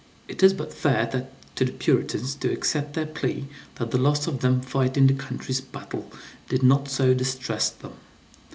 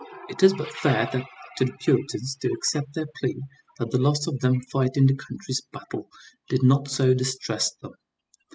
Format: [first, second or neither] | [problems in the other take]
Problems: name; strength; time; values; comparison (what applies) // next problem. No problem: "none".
first | noise reduction (classical method spectral subtraction)